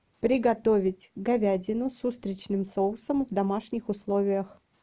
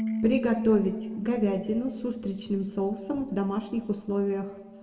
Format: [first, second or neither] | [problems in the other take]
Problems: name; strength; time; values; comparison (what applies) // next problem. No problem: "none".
first | background sound (Bass guitar); 7 dB below the speech // room echo; dies away in 1.4 s